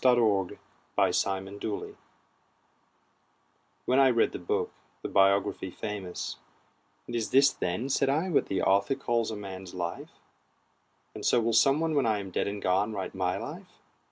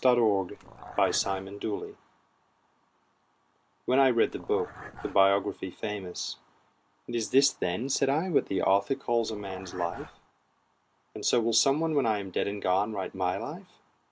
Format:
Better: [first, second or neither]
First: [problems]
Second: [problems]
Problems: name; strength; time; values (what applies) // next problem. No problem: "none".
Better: first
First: none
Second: background sound (Dog); 16 dB below the speech